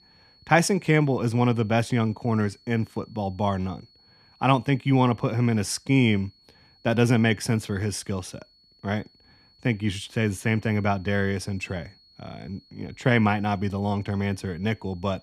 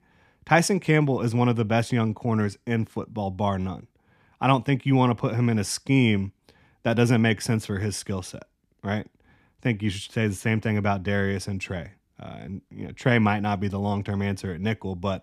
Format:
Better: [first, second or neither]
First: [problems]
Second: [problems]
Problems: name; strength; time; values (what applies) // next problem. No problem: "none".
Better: second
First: high-pitched whine; faint; throughout; 4.5 kHz, 30 dB below the speech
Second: none